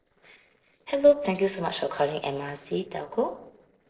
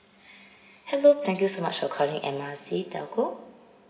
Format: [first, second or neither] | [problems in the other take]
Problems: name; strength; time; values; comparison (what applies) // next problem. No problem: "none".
second | noise reduction (neural separator model SepFormer DNS4)